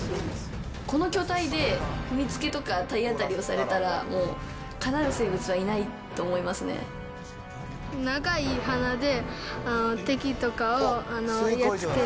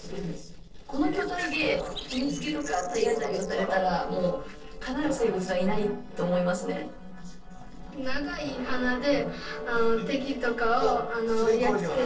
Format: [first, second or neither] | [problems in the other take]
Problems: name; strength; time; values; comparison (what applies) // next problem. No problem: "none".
first | noise reduction (neural separator model SepFormer DNS4)